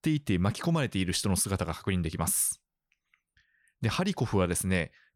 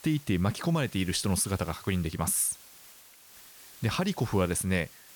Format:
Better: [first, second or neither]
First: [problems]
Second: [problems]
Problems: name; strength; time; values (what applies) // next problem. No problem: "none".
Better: first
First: none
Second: hiss; faint; throughout; 20 dB below the speech